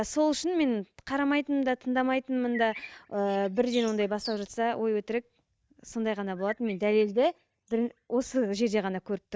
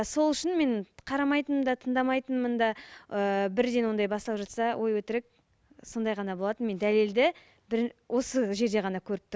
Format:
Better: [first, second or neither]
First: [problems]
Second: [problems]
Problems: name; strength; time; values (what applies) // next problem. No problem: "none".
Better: second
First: noise reduction (neural mask model DeepFilterNet 3)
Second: none